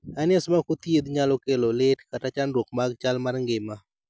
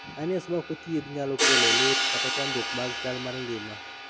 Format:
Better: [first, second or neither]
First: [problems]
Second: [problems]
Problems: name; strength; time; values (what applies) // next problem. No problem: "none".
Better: first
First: none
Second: background sound (Hi-hat); 4 dB above the speech // room echo; dies away in 1.1 s